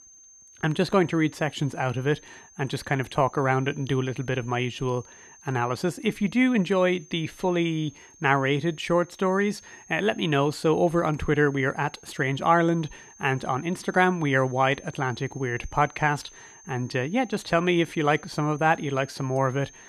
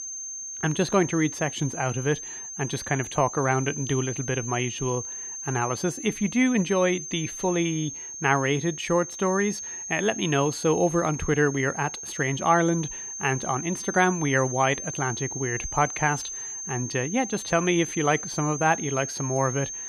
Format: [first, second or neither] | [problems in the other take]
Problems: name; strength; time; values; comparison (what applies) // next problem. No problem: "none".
first | high-pitched whine; loud; throughout; 6.5 kHz, 7 dB below the speech; faint in the first